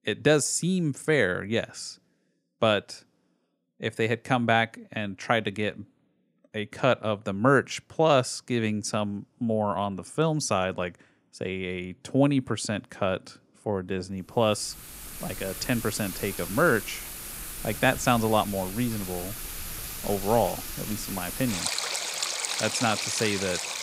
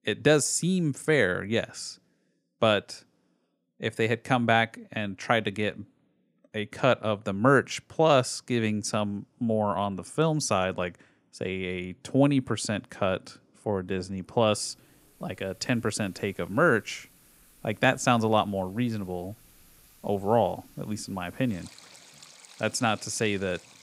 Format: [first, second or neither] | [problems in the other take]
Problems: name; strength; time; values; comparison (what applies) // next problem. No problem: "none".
second | rain or running water; loud; from 15 s on; 5 dB below the speech; faint in the second